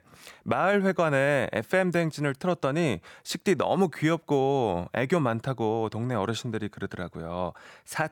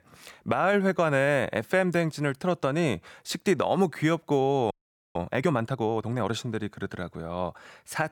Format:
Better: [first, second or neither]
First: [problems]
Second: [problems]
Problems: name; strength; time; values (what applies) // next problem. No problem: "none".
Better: first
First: none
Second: audio freezing; at 4.5 s